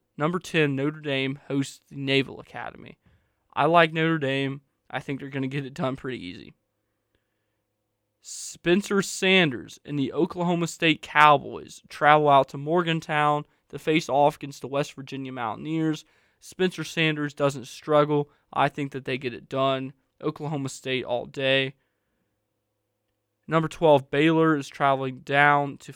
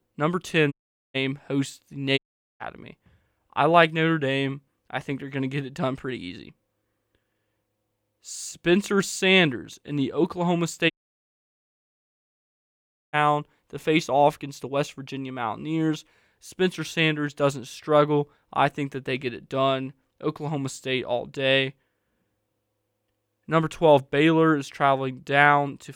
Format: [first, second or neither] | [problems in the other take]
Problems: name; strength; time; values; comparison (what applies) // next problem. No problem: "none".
first | audio cutting out; at 0.5 s, at 2 s and at 11 s for 2 s